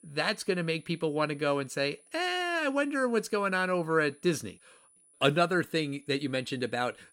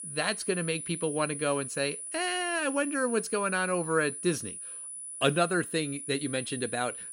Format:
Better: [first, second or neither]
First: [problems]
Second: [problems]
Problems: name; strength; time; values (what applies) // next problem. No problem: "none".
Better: first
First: high-pitched whine; faint; throughout; 10 kHz, 30 dB below the speech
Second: high-pitched whine; loud; throughout; 10 kHz, 7 dB below the speech